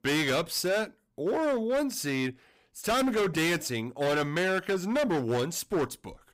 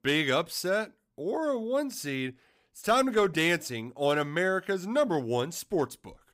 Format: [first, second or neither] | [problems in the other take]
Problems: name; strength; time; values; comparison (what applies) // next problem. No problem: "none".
second | distortion; heavy; 17% of the sound clipped